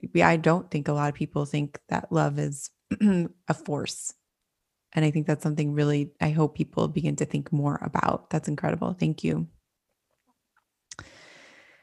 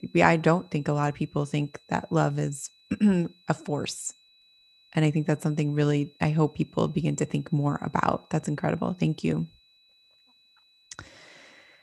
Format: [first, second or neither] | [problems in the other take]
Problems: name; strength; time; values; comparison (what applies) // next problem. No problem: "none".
first | high-pitched whine; faint; throughout; 4 kHz, 30 dB below the speech